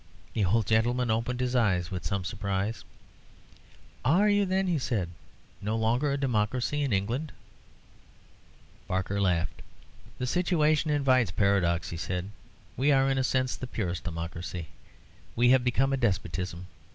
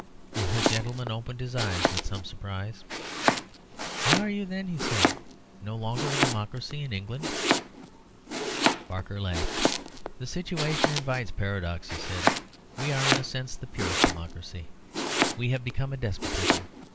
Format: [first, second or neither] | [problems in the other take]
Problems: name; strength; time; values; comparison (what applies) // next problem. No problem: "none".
first | background sound (Domestic sounds, home sounds); 2 dB above the speech